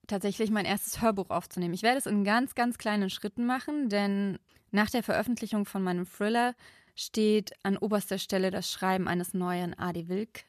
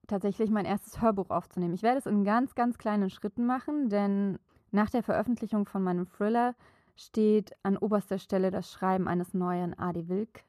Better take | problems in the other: first | muffled; slightly; fading above 1.5 kHz

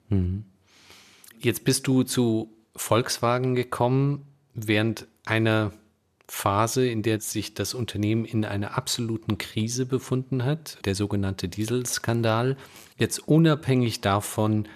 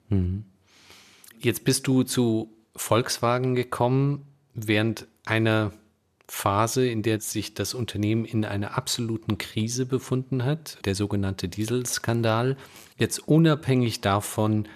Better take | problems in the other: neither | none

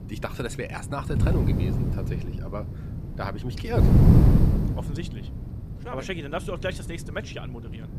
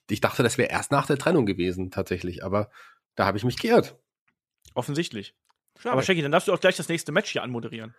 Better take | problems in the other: second | wind noise on the microphone; heavy; 2 dB above the speech

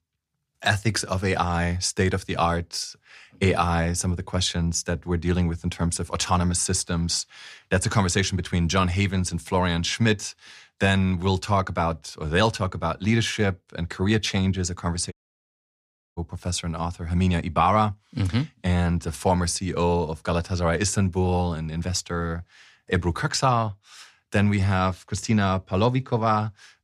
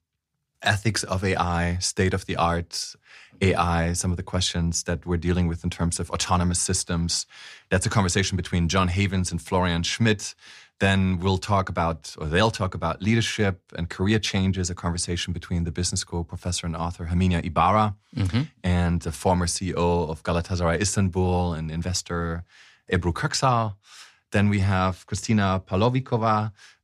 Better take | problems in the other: second | audio cutting out; at 15 s for 1 s

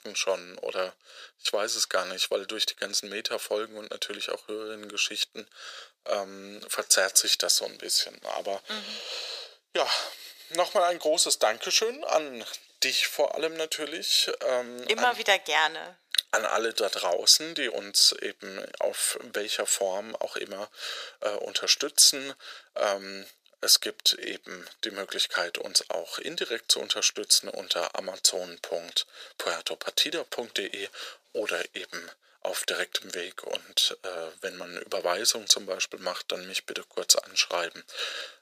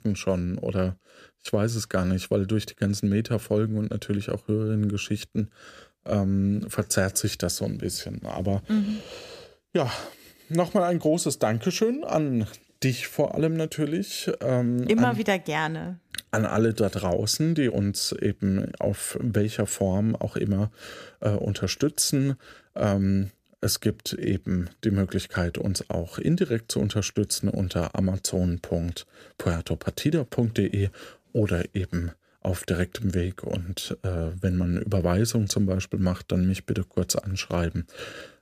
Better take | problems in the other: second | thin; very; fading below 550 Hz

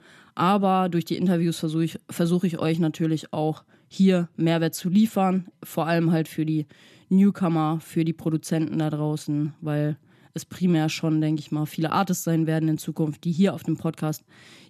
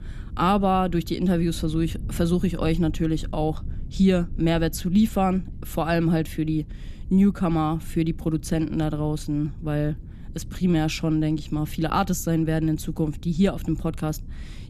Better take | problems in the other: first | low rumble; faint; throughout; 25 dB below the speech

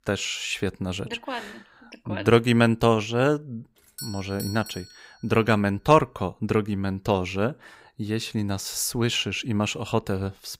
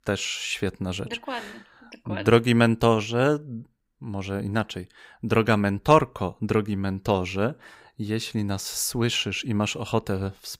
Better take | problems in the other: second | doorbell; faint; from 4 to 5 s; peak 10 dB below the speech

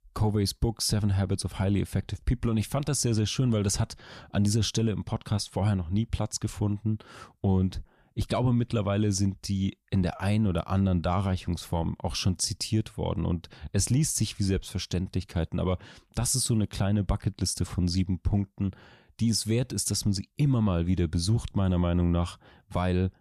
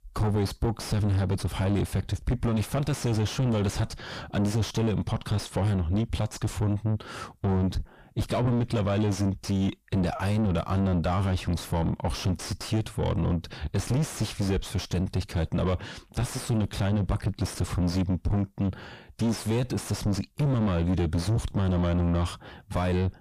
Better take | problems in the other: first | distortion; heavy; 5 dB below the speech

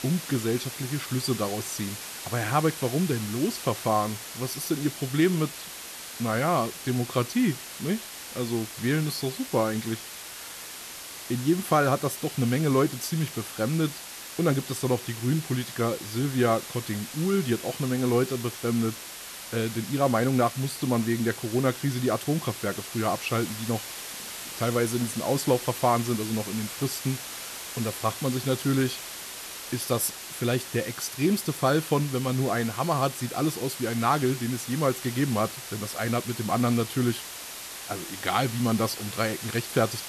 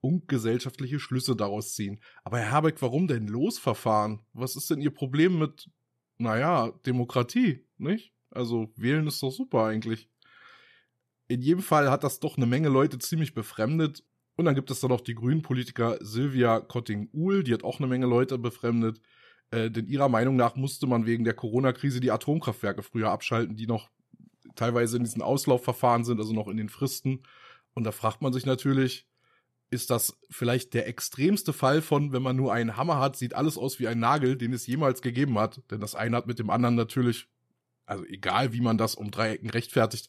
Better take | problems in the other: second | hiss; loud; throughout; 9 dB below the speech

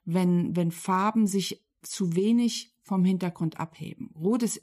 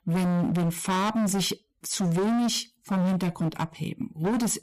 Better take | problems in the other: first | distortion; heavy; 29% of the sound clipped

